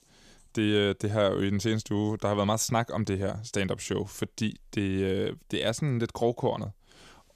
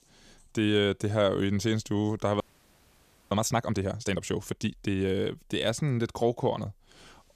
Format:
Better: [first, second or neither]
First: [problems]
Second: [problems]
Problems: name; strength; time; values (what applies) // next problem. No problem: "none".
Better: first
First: none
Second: audio freezing; at 2.5 s for 1 s